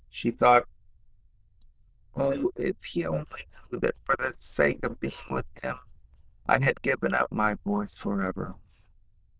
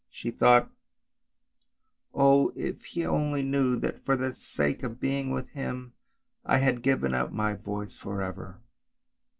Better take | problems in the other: second | noise reduction (neural diffusion model UNIVERSE++)

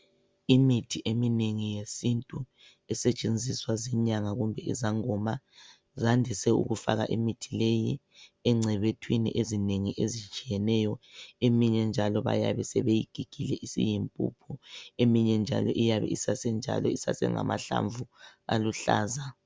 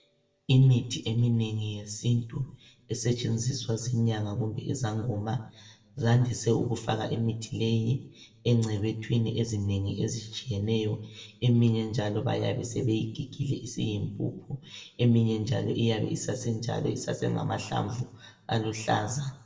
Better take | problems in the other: first | room echo; dies away in 0.6 s

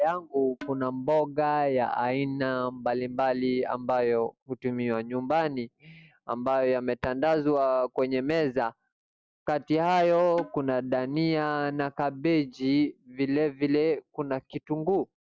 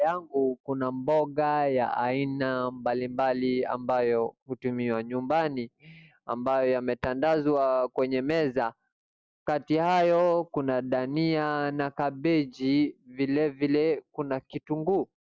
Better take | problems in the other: second | background sound (Percussion); 18 dB below the speech

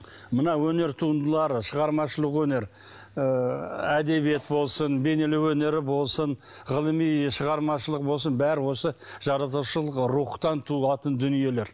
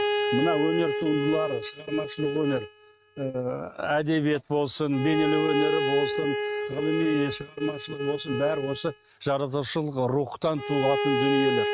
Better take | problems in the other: first | noise reduction (neural mask model RNNoise)

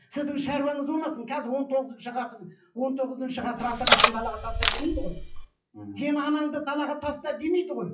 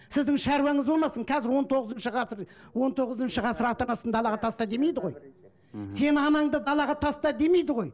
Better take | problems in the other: second | noise reduction (classical method WPE with log-MMSE)

